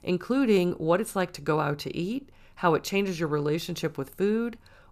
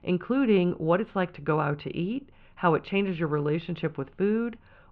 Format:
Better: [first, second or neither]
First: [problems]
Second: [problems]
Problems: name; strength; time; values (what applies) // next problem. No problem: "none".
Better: first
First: none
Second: muffled; very; fading above 3 kHz